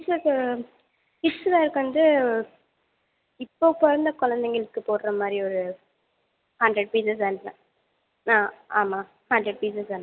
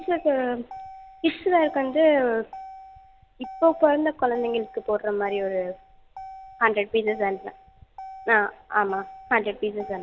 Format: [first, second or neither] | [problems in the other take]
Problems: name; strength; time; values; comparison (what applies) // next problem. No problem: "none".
first | background sound (Motor vehicle (road)); 18 dB below the speech